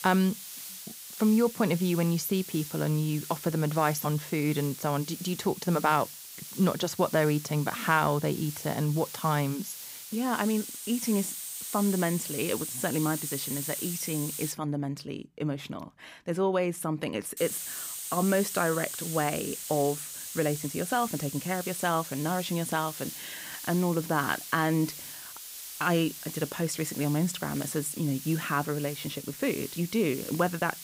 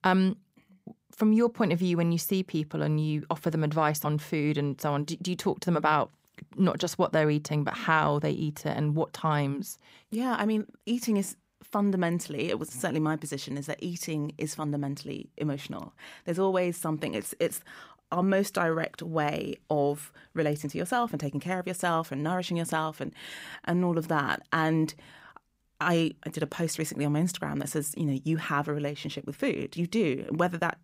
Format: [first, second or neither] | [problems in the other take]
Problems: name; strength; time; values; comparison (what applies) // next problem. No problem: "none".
second | hiss; loud; until 15 s and from 17 s on; 8 dB below the speech